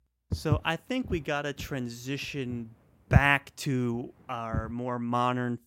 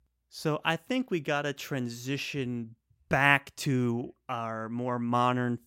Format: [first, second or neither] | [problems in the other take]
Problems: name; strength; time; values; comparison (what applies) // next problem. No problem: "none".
second | footsteps; loud; until 4.5 s; peak 4 dB above the speech